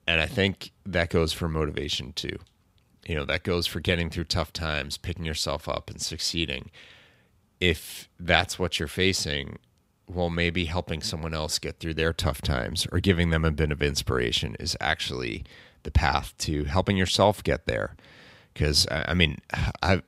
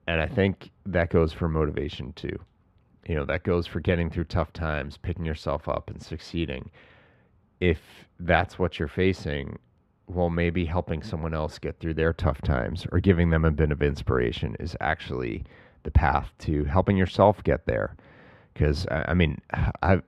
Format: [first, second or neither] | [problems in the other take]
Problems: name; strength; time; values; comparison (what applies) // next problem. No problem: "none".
first | muffled; very; fading above 3 kHz